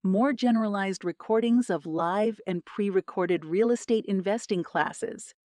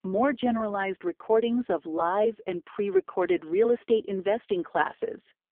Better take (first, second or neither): first